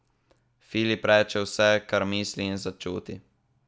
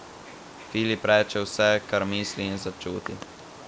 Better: first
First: none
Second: background sound (Wild animals); 15 dB below the speech

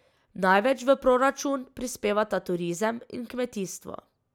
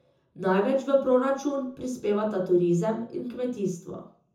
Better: first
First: none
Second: room echo; dies away in 0.5 s

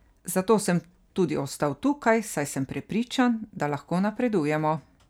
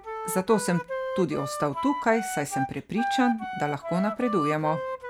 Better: first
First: none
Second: background sound (Wind instrument, woodwind instrument); 5 dB below the speech

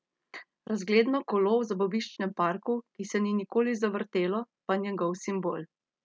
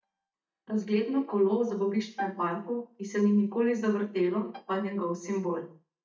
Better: first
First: none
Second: noise reduction (neural mask model DeepFilterNet 3)

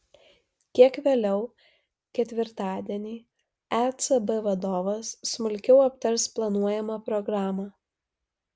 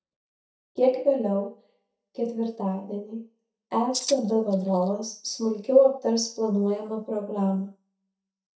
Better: first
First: none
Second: noise reduction (neural mask model DeepFilterNet 3)

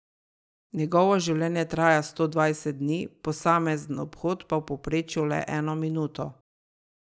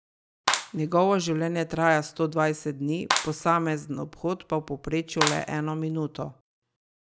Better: first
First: none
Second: background sound (Clapping); 6 dB below the speech

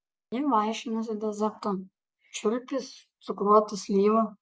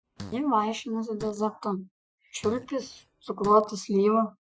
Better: first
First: none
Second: noise reduction (classical method Wiener filter)

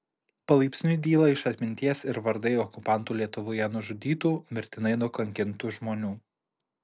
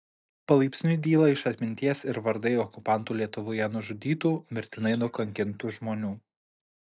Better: first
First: none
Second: noise reduction (neural mask model DeepFilterNet 3)

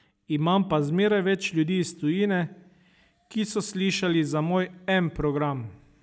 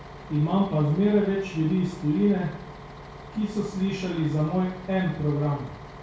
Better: first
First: none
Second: background sound (Bus); 16 dB below the speech // room echo; dies away in 0.6 s

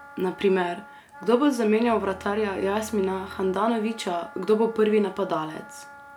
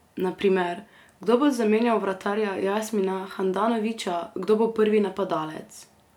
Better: second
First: background sound (Wind instrument, woodwind instrument + Bowed string instrument); 20 dB below the speech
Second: none

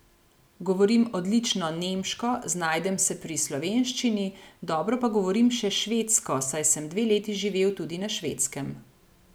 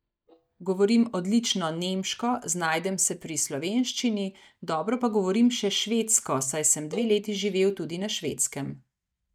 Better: first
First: none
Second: noise reduction (neural mask model DeepFilterNet 3)

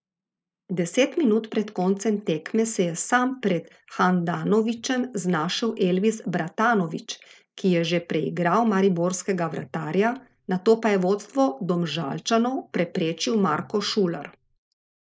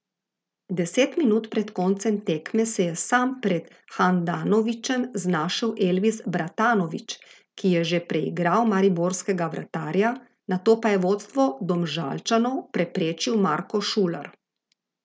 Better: second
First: noise reduction (neural mask model Resemble Enhance denoiser)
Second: none

